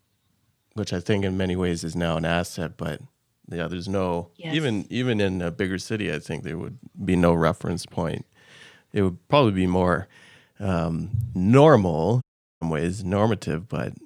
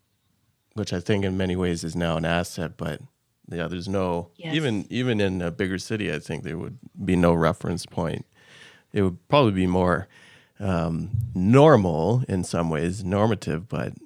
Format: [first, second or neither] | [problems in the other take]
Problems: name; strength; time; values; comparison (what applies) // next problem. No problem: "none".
second | audio cutting out; at 12 s